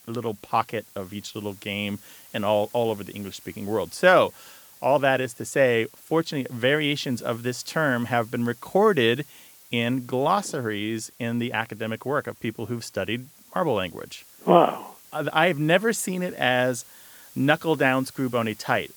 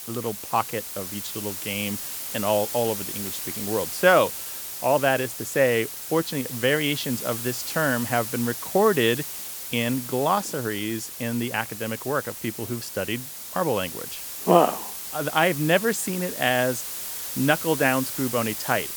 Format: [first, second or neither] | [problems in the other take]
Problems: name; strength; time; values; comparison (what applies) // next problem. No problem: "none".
first | hiss; loud; throughout; 6 dB below the speech; faint in the first